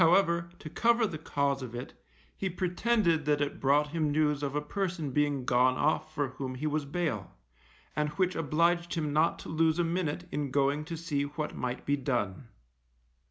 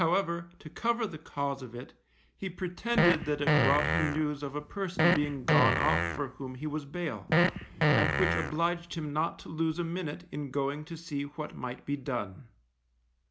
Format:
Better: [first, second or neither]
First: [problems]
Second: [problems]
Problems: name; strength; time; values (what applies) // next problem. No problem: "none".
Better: first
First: none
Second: background sound (Fart); 4 dB above the speech